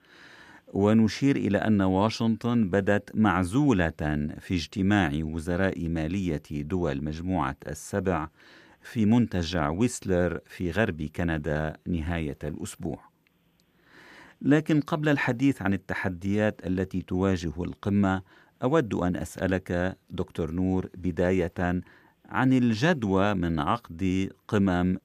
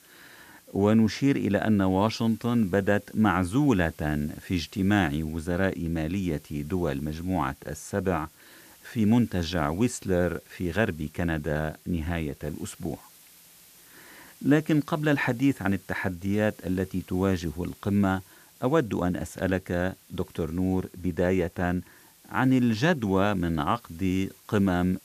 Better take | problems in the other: first | hiss; faint; throughout; 25 dB below the speech

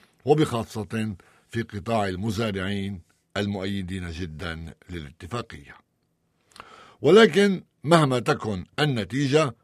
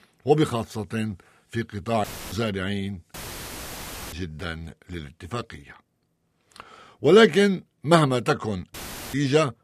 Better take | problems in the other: first | audio cutting out; filled with static; at 2 s, at 3 s for 1 s and at 8.5 s

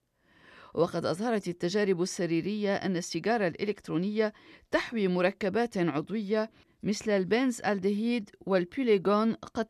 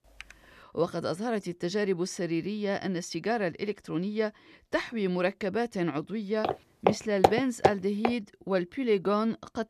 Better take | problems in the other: first | keyboard typing; faint; at the start; peak 20 dB below the speech // footsteps; loud; from 6.5 to 8 s; peak 5 dB above the speech

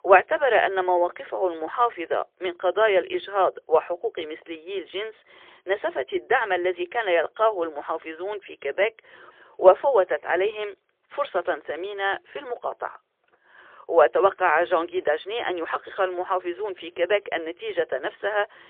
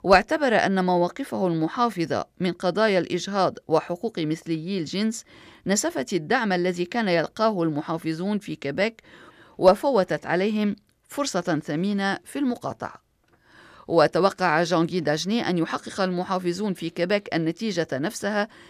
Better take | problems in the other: second | phone-call audio; poor line; nothing above 3 kHz

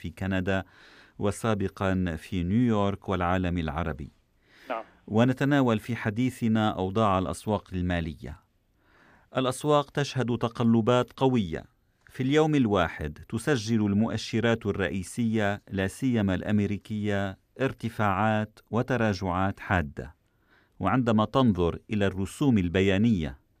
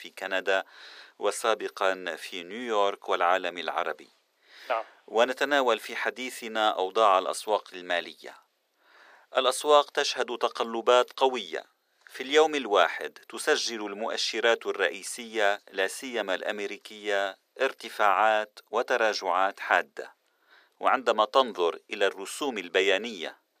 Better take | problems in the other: first | thin; very; fading below 450 Hz

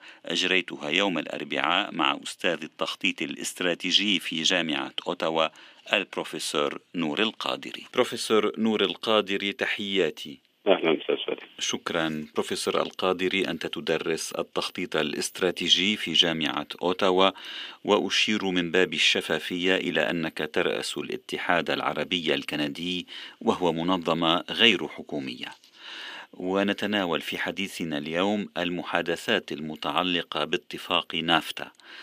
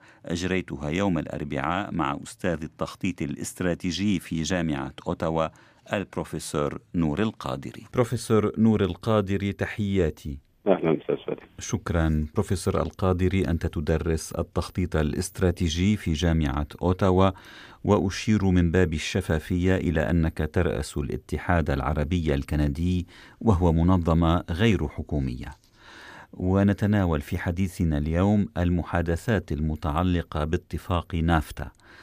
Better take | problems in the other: second | thin; somewhat; fading below 250 Hz

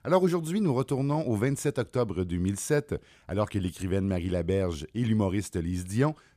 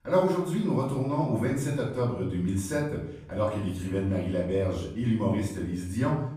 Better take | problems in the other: first | off-mic speech; far // room echo; noticeable; dies away in 0.6 s

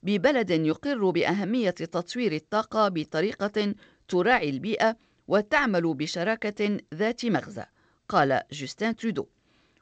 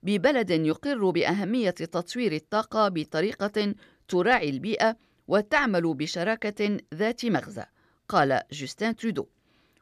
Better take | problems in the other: second | garbled, watery; slightly; nothing above 7.5 kHz

